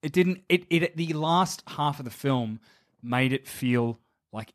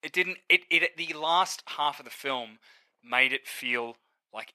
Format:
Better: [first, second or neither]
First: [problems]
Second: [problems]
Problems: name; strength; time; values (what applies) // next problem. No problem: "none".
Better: first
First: none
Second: thin; very; fading below 600 Hz